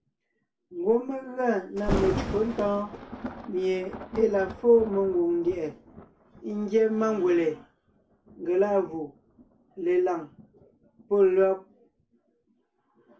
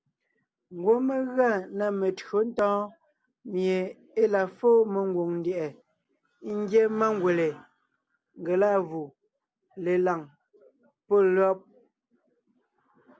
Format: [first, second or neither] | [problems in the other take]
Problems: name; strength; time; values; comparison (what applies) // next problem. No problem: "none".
second | background sound (Thunder); 12 dB below the speech // room echo; dies away in 0.2 s